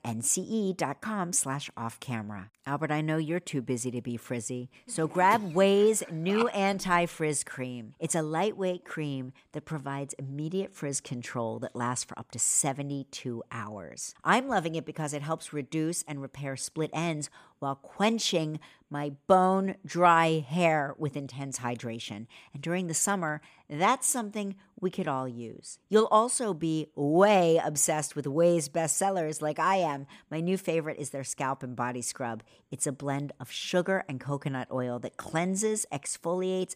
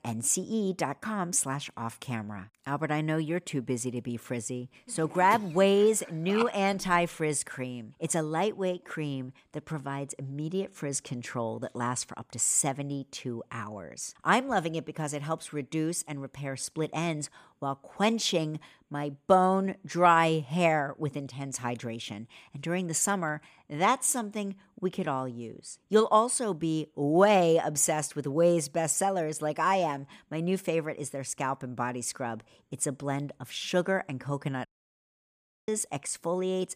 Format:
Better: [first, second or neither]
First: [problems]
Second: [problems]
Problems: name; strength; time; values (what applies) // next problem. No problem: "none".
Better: first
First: none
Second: audio cutting out; at 35 s for 1 s